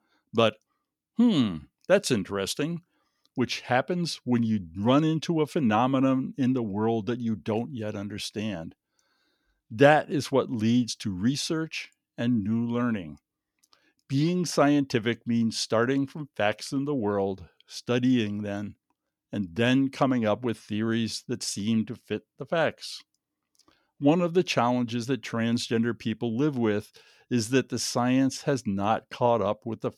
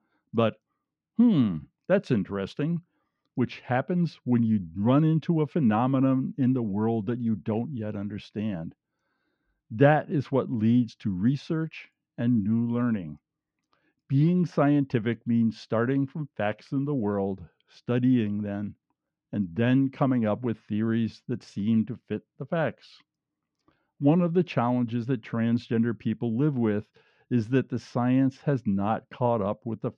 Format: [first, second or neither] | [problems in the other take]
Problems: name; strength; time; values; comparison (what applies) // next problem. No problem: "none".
first | muffled; very; fading above 2.5 kHz